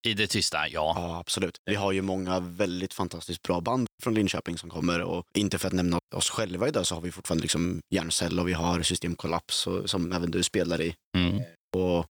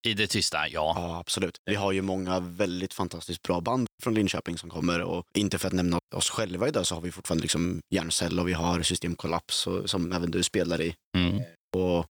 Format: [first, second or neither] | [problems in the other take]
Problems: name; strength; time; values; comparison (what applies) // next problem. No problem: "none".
neither | none